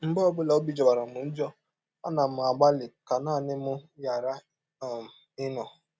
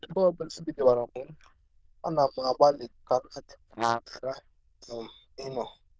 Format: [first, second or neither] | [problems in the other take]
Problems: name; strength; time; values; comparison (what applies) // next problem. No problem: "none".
first | noise reduction (neural diffusion model UNIVERSE++)